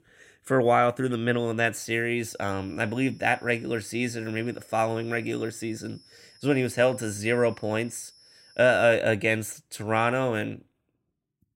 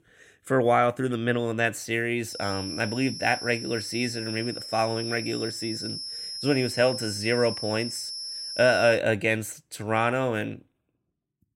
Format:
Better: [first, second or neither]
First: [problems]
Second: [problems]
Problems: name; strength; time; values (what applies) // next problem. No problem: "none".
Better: first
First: high-pitched whine; faint; from 2.5 to 9 s; 5 kHz, 30 dB below the speech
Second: high-pitched whine; loud; from 2.5 to 9 s; 5 kHz, 7 dB below the speech